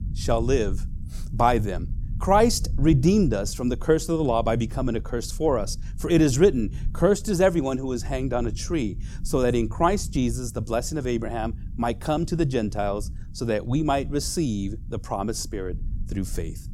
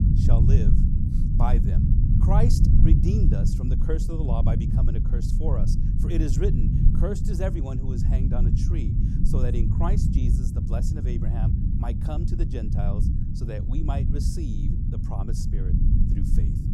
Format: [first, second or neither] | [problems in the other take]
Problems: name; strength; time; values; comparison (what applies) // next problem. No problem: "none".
first | low rumble; loud; throughout; 1 dB below the speech; faint in the first